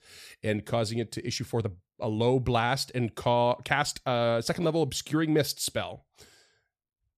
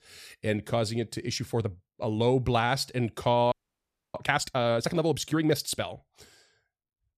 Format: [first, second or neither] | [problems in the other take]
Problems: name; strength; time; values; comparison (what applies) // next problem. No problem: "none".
first | audio freezing; at 3.5 s for 0.5 s